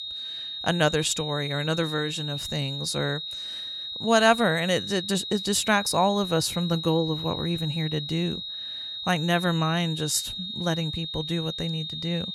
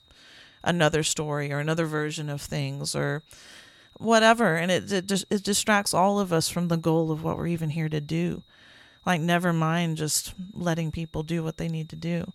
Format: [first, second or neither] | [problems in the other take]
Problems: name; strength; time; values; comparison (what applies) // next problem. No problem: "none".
second | high-pitched whine; loud; throughout; 4 kHz, 6 dB below the speech; faint in the second